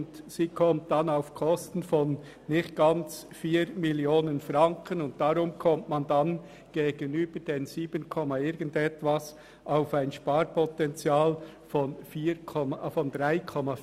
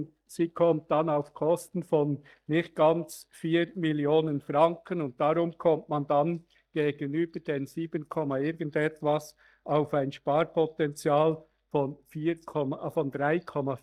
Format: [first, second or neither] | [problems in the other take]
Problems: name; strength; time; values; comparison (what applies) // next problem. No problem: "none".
first | noise reduction (neural mask model DeepFilterNet 3)